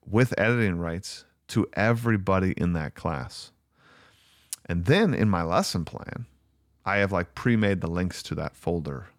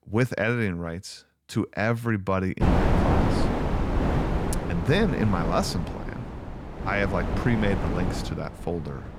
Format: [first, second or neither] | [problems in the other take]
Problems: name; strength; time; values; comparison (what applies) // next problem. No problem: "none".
first | wind noise on the microphone; heavy; from 2.5 s on; 2 dB below the speech